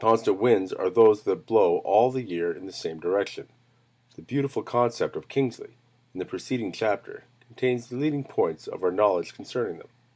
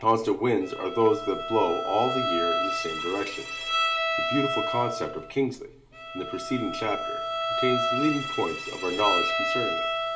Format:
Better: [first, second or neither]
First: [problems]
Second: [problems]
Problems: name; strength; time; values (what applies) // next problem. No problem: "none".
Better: first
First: none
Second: background sound (Bowed string instrument); 1 dB below the speech // room echo; dies away in 0.5 s